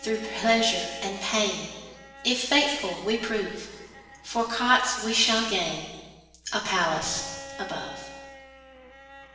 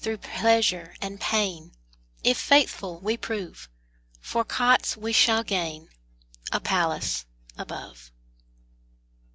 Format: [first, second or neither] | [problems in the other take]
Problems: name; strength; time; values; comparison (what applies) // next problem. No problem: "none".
second | background sound (Bowed string instrument); 17 dB below the speech // room echo; dies away in 1.2 s